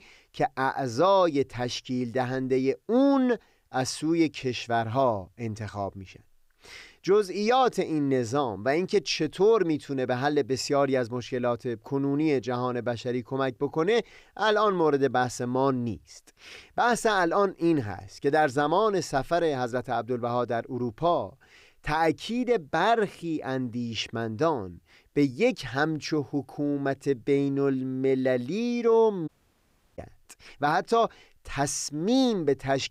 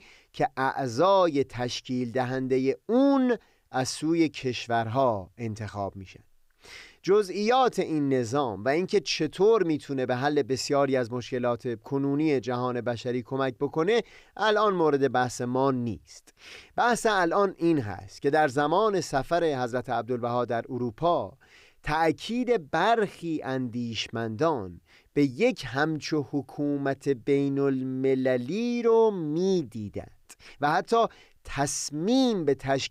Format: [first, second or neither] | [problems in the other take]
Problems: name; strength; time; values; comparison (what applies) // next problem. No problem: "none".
second | audio cutting out; at 29 s for 0.5 s